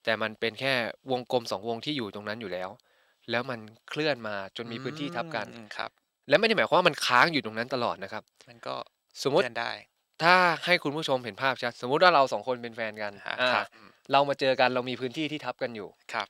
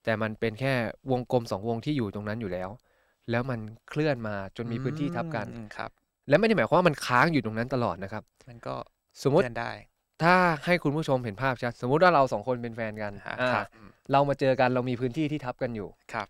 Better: second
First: thin; very slightly; fading below 450 Hz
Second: none

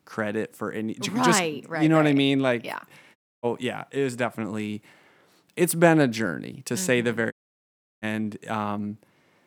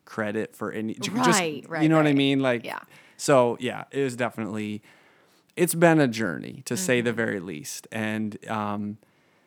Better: second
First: audio cutting out; at 3 s and at 7.5 s for 0.5 s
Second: none

